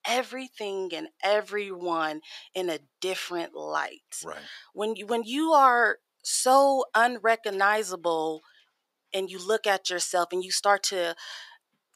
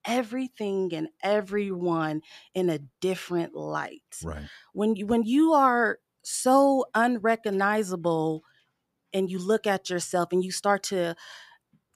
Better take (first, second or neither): second